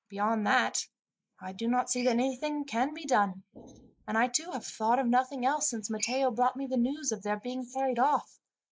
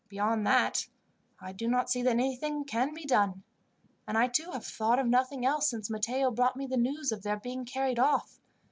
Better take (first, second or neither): second